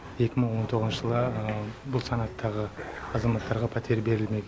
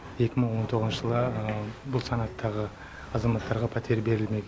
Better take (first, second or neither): second